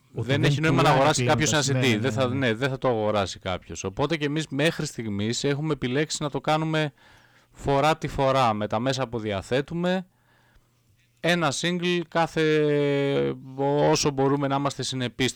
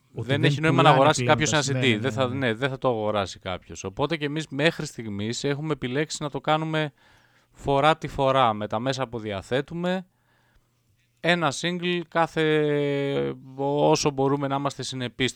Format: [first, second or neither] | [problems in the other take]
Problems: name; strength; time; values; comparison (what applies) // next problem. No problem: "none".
second | distortion; slight; 10 dB below the speech